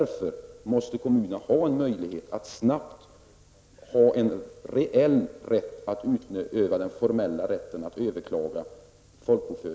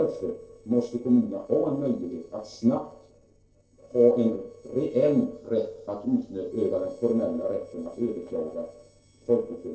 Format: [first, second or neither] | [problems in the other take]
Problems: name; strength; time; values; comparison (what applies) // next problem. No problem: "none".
first | noise reduction (neural separator model SepFormer DNS4)